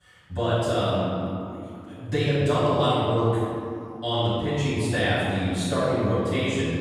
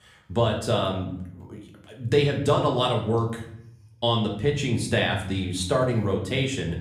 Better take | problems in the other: second | room echo; strong; dies away in 2.3 s; slight in the second // off-mic speech; far; somewhat distant in the second

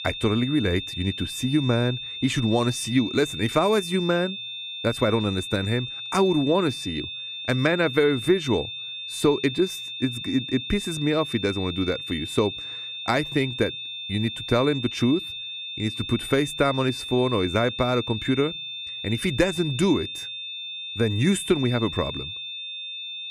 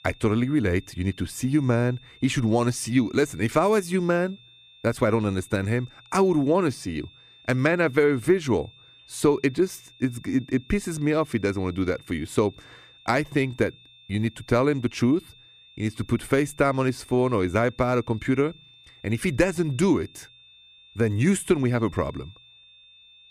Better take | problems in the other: second | high-pitched whine; loud; throughout; 3.5 kHz, 7 dB below the speech; faint in the second

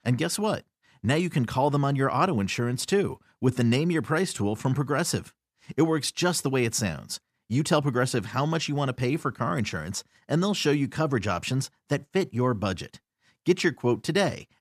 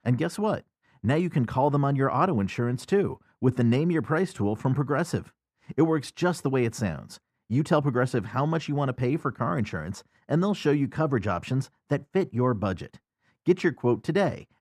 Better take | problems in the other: first | muffled; slightly; fading above 2.5 kHz

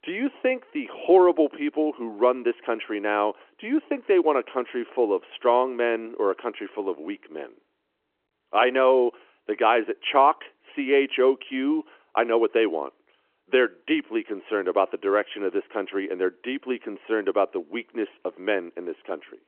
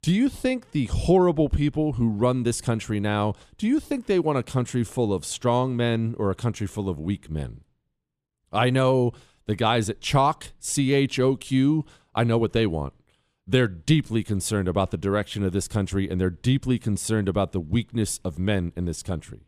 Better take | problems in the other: second | phone-call audio

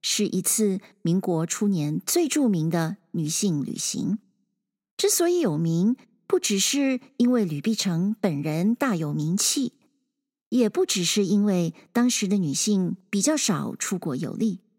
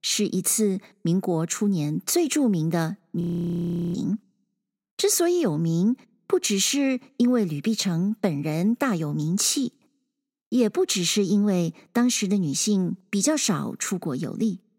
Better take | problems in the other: first | audio freezing; at 3 s for 0.5 s

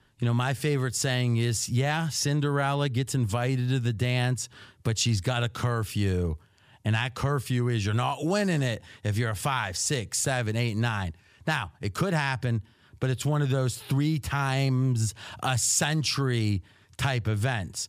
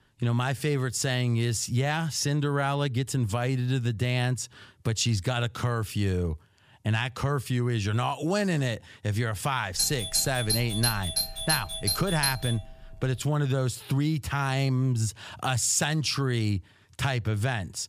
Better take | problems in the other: first | doorbell; loud; from 10 to 13 s; peak 2 dB above the speech

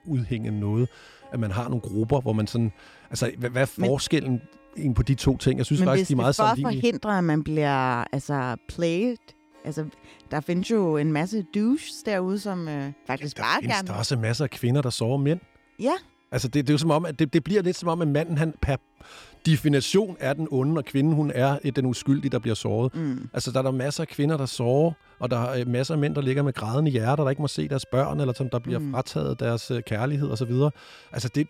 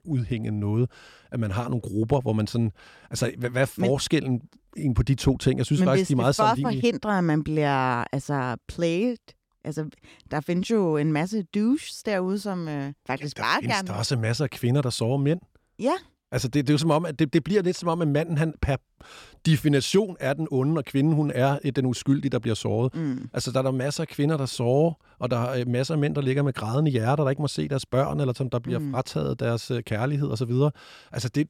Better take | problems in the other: second | background music; faint; throughout; 30 dB below the speech

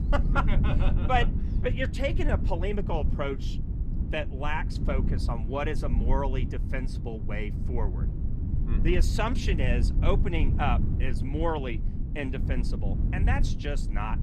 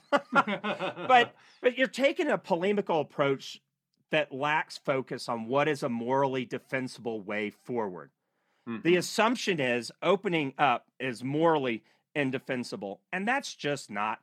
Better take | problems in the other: second | low rumble; noticeable; throughout; 10 dB below the speech

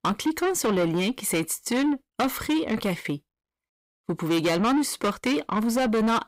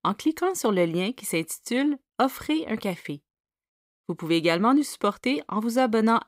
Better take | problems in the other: second | distortion; heavy; 8 dB below the speech

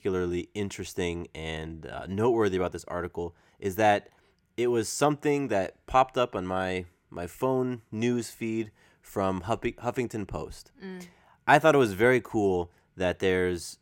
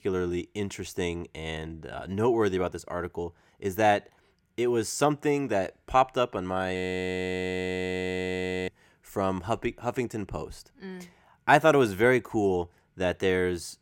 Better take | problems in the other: first | audio freezing; at 7 s for 2 s

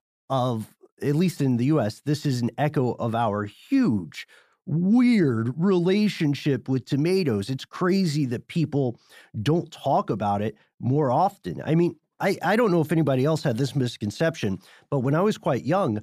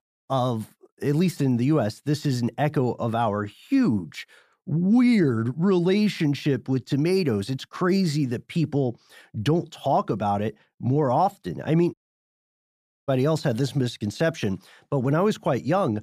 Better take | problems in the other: first | audio cutting out; at 12 s for 1 s

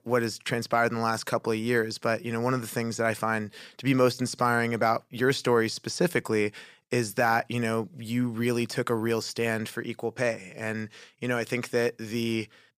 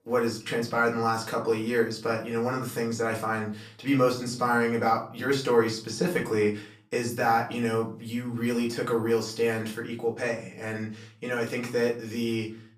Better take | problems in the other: first | off-mic speech; far // room echo; slight; dies away in 0.3 s

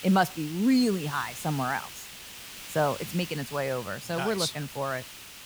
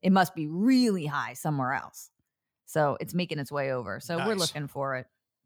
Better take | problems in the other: second | hiss; noticeable; throughout; 10 dB below the speech

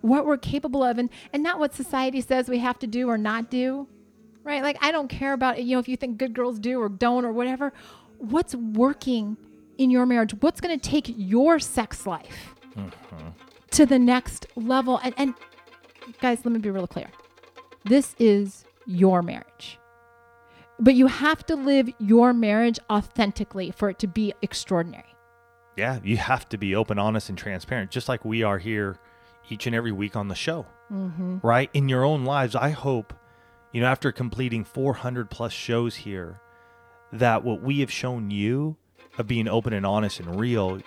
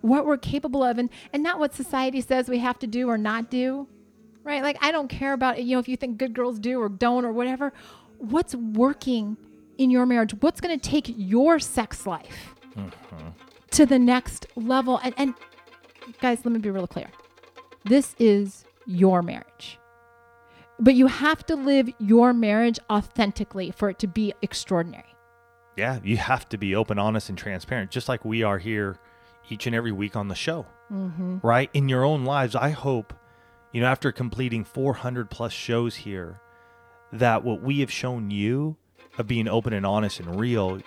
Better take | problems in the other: neither | background music; faint; throughout; 30 dB below the speech; the same in both

